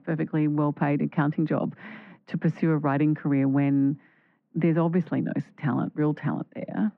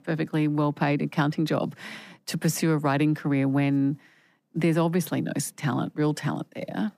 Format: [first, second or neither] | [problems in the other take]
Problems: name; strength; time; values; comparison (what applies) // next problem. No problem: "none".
second | muffled; very; fading above 2 kHz